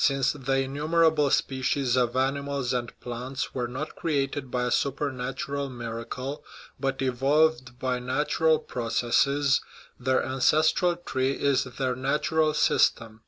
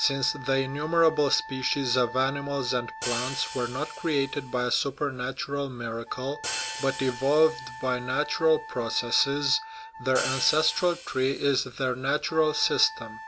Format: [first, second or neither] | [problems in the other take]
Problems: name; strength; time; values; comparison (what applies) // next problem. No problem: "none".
first | background sound (Hi-hat + Wind instrument, woodwind instrument); 12 dB below the speech